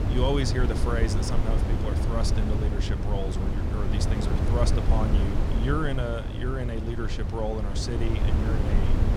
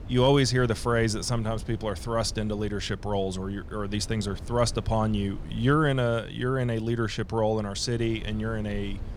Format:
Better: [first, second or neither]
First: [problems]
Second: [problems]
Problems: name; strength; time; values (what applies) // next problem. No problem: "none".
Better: second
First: wind noise on the microphone; heavy; 3 dB below the speech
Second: wind noise on the microphone; occasional gusts; 20 dB below the speech